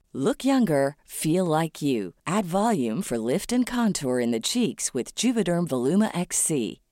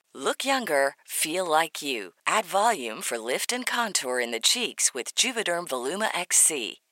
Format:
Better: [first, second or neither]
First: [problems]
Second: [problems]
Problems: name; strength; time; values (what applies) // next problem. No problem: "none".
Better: first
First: none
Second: thin; very; fading below 700 Hz